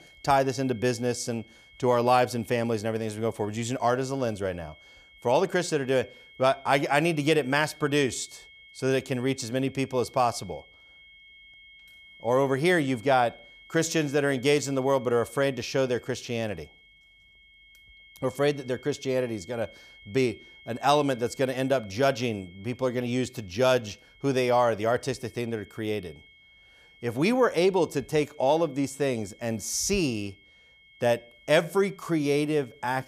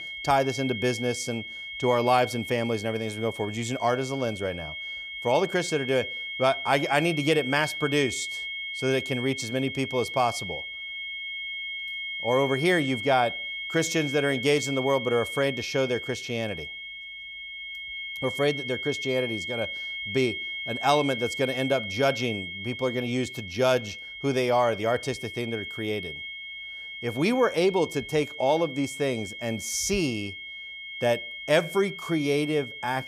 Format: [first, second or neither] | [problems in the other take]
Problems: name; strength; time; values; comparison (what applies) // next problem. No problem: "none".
first | high-pitched whine; loud; throughout; 2 kHz, 7 dB below the speech; faint in the first